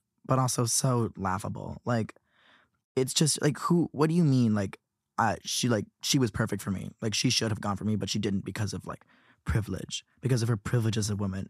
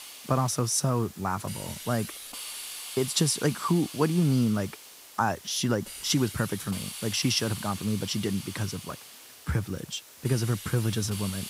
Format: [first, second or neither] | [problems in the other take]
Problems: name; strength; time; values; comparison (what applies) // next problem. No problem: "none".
first | hiss; noticeable; throughout; 10 dB below the speech